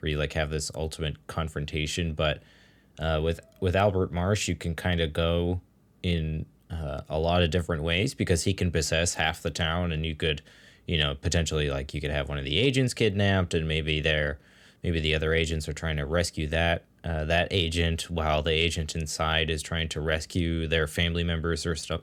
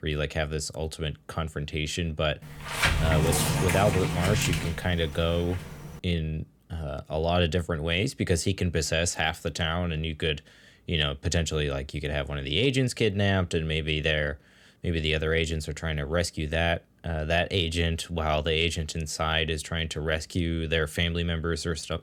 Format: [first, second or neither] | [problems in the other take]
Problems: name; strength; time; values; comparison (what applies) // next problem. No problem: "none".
first | door banging; loud; from 2.5 to 6 s; peak 4 dB above the speech